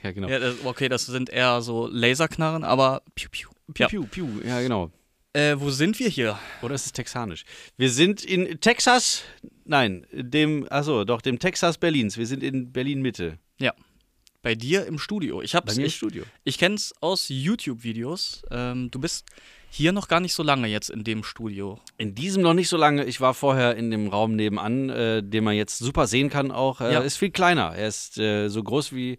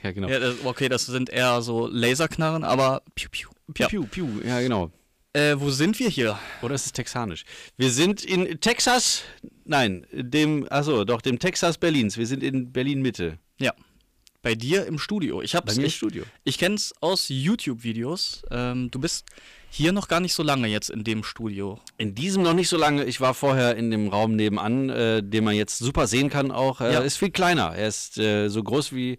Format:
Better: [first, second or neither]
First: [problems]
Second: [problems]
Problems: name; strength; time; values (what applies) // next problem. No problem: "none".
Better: first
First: none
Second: distortion; slight; 4% of the sound clipped